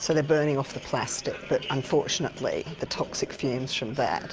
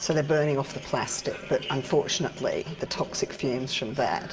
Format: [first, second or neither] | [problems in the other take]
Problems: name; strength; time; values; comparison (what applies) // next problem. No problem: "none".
first | room echo; dies away in 0.7 s